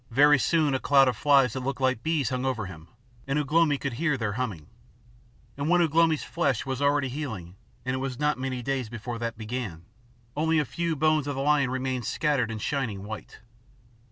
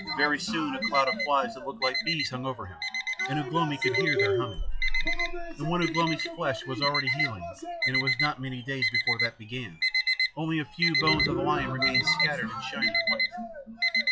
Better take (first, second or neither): first